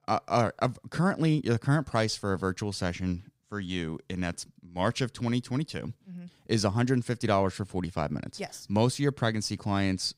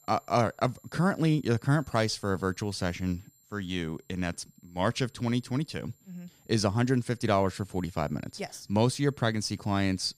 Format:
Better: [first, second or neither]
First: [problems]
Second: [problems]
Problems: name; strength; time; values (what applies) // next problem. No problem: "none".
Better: first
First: none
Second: high-pitched whine; faint; throughout; 7.5 kHz, 30 dB below the speech